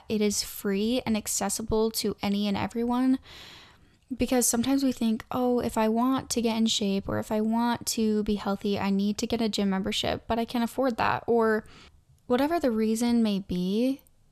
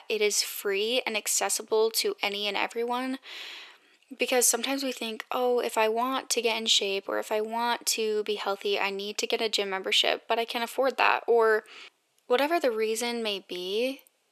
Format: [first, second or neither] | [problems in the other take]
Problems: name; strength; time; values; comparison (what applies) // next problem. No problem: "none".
first | thin; somewhat; fading below 350 Hz